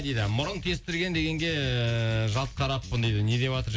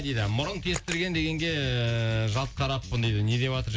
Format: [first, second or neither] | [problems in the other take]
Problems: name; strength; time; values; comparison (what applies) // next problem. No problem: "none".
first | background sound (Camera); 15 dB below the speech